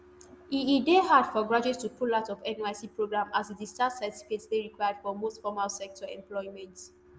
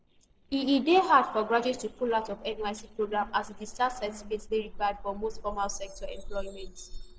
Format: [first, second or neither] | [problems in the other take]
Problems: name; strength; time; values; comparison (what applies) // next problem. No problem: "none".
first | noise reduction (neural separator model SepFormer DNS4)